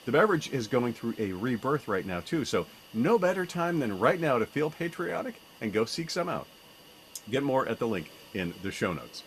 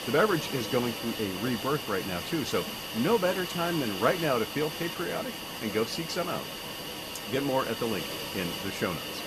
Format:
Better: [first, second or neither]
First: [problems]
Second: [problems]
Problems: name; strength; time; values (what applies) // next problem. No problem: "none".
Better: first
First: hiss; faint; throughout; 20 dB below the speech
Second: hiss; loud; throughout; 4 dB below the speech